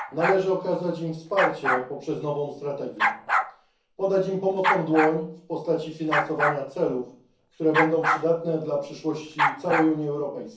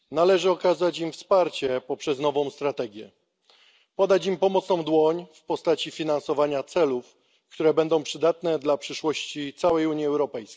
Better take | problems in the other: second | background sound (Bark); 3 dB below the speech // room echo; dies away in 0.6 s

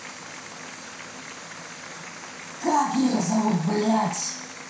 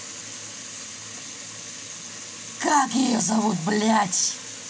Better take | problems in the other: second | background sound (Applause); 14 dB below the speech // room echo; dies away in 0.6 s

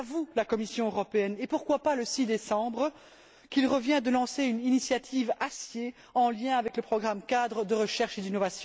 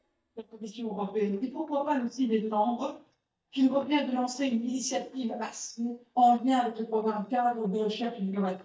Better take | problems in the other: first | noise reduction (neural mask model DeepFilterNet 3)

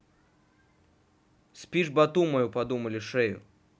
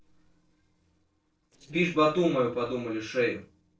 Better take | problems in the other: first | noise reduction (neural separator model SepFormer DNS4)

